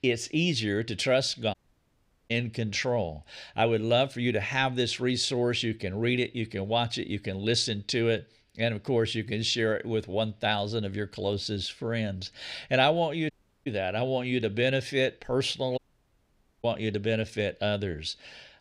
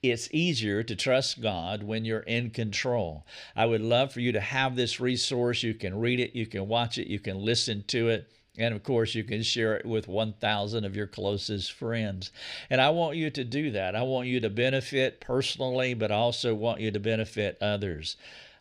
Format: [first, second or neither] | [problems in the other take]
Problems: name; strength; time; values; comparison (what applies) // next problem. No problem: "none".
second | audio cutting out; at 1.5 s for 1 s, at 13 s and at 16 s for 1 s